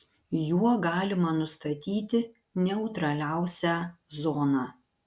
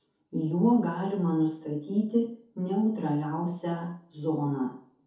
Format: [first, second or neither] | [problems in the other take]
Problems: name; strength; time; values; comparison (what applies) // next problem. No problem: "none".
first | room echo; dies away in 0.5 s